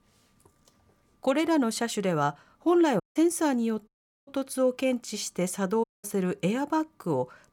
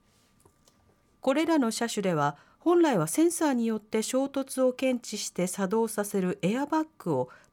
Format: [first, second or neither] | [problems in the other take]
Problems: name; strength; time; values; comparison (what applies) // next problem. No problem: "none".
second | audio cutting out; at 3 s, at 4 s and at 6 s